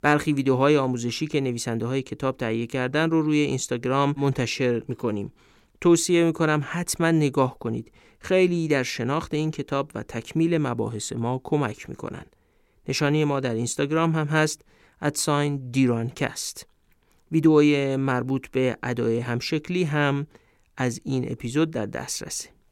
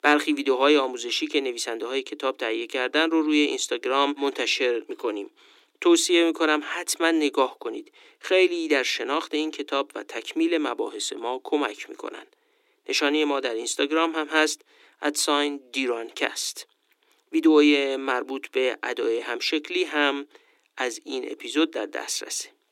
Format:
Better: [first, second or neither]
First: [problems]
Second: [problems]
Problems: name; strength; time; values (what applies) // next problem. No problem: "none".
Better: first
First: none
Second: thin; very slightly; fading below 300 Hz